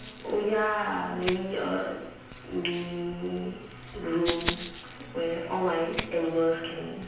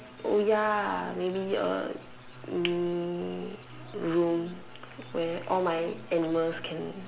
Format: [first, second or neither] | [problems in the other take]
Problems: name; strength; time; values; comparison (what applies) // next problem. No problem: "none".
second | background sound (Rattle (instrument)); 11 dB below the speech // room echo; dies away in 0.9 s